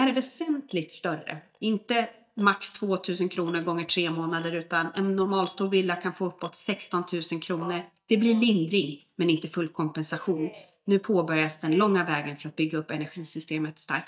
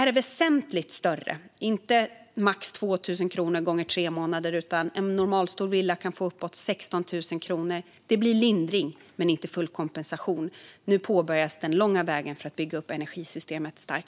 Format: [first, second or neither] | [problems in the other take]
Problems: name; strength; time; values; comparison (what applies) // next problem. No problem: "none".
second | noise reduction (neural mask model DeepFilterNet 3)